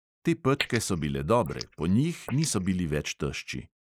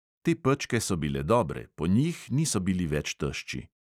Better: second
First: noise reduction (neural mask model Resemble Enhance denoiser)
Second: none

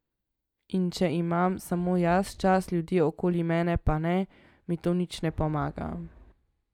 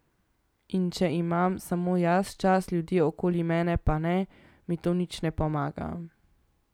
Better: second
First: noise reduction (neural mask model DeepFilterNet 3)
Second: none

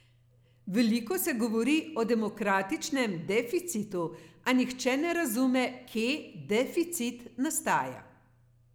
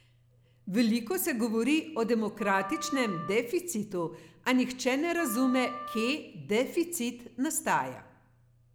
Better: first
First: none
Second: background sound (Wind instrument, woodwind instrument); 12 dB below the speech

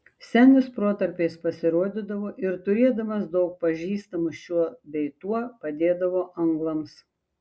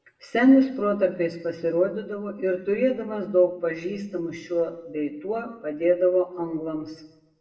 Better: first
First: none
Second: room echo; dies away in 0.7 s

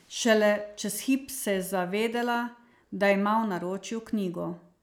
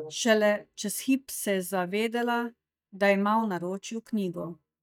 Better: first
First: none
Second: noise reduction (neural mask model DeepFilterNet 3)

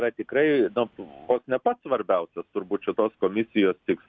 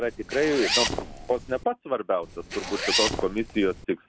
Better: first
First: none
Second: background sound (Zipper (clothing)); 3 dB below the speech

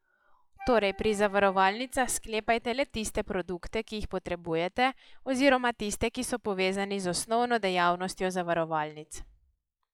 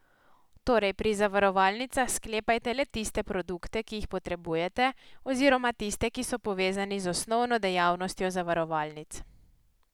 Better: second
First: noise reduction (classical method log-MMSE)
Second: none

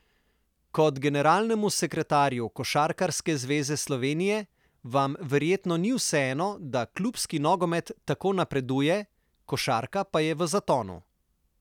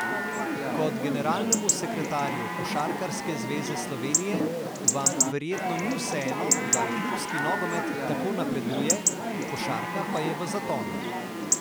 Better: first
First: none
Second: background sound (Chatter / Chirp, tweet / Livestock, farm animals, working animals); 4 dB above the speech

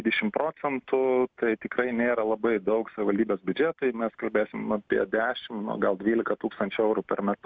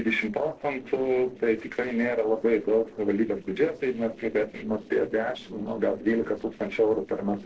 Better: first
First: none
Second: noise reduction (neural separator model SepFormer DNS4)

